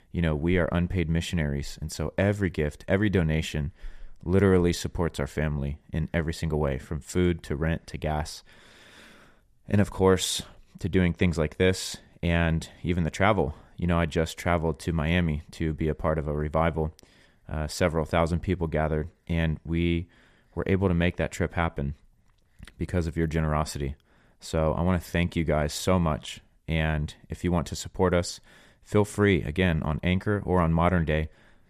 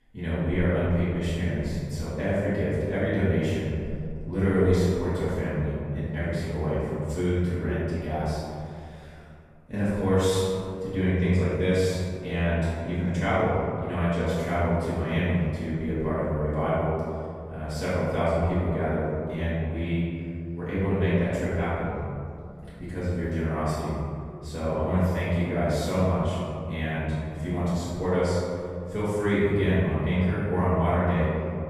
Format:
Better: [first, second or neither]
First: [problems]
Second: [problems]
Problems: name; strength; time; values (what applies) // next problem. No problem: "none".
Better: first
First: none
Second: room echo; strong; dies away in 2.4 s // off-mic speech; far